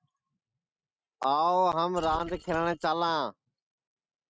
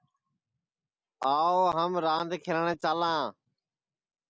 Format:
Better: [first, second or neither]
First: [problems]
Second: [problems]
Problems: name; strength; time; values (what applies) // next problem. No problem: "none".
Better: second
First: noise reduction (neural mask model RNNoise)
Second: none